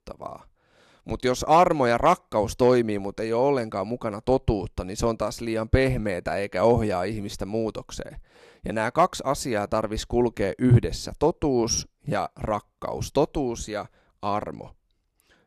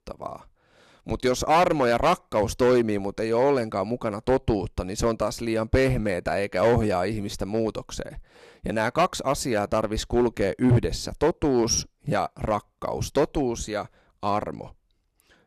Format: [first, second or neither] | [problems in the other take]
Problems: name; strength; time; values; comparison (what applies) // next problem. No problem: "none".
first | distortion; slight; 4% of the sound clipped